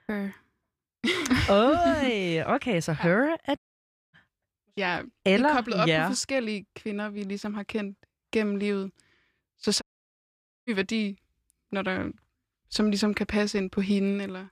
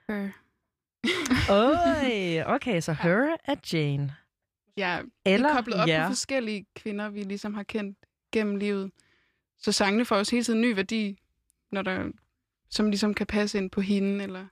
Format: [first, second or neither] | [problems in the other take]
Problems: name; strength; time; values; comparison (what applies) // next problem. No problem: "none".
second | audio cutting out; at 3.5 s for 0.5 s and at 10 s for 1 s